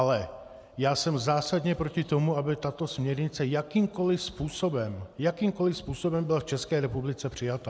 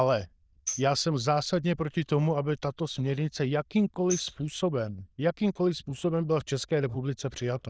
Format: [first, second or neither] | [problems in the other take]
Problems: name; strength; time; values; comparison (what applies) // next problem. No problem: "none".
first | noise reduction (neural diffusion model UNIVERSE++)